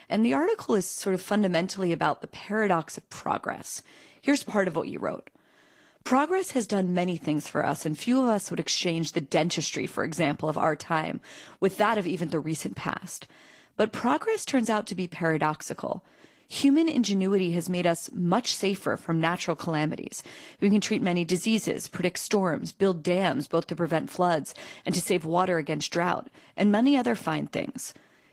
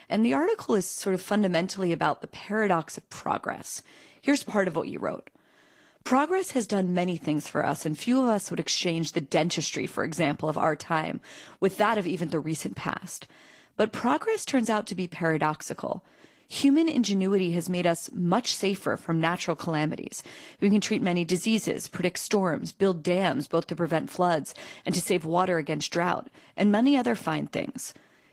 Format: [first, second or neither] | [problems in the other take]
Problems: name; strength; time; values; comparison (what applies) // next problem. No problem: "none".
neither | garbled, watery; slightly; nothing above 15.5 kHz; the same in both